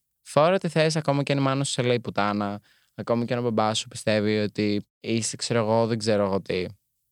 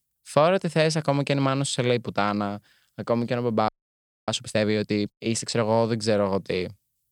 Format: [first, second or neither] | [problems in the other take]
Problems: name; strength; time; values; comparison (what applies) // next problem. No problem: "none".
first | audio freezing; at 3.5 s for 0.5 s